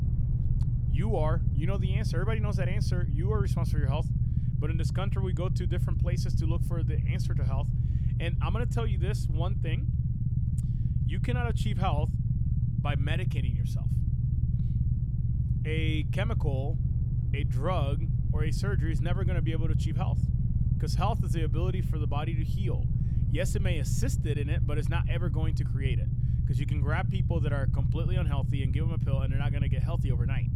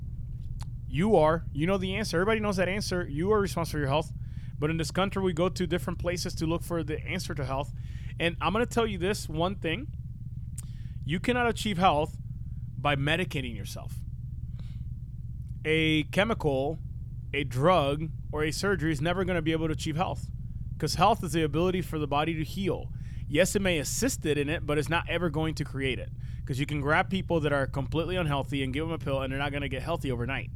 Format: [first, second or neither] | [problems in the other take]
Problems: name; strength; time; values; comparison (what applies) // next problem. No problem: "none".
second | low rumble; loud; throughout; 4 dB below the speech; faint in the second